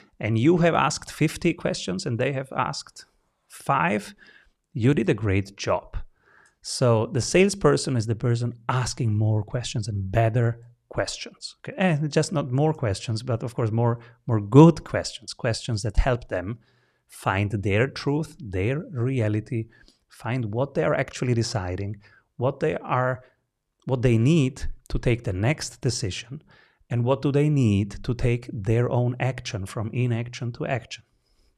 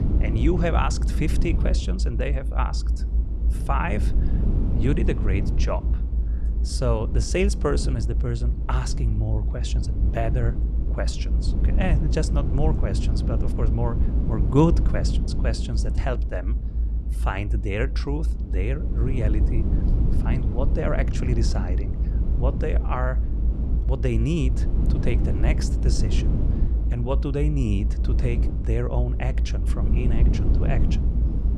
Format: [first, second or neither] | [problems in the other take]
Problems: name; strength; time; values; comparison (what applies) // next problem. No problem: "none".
first | low rumble; loud; throughout; 8 dB below the speech